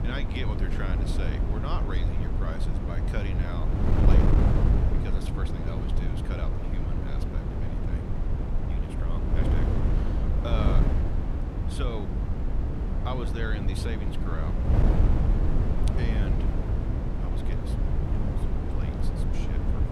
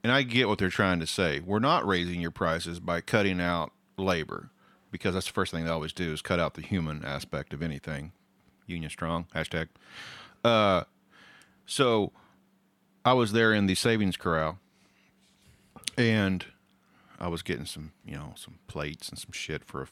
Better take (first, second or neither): second